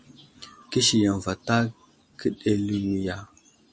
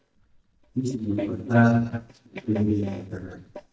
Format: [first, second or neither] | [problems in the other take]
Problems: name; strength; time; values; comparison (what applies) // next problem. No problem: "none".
first | noise reduction (neural mask model DeepFilterNet 3)